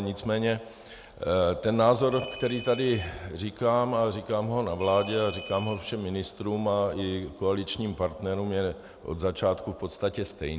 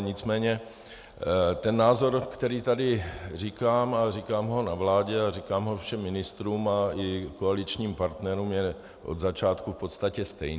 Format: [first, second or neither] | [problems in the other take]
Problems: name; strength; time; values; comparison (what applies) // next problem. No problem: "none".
second | background sound (Ringtone); 13 dB below the speech